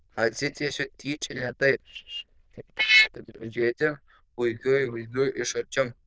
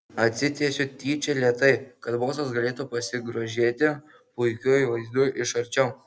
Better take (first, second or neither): second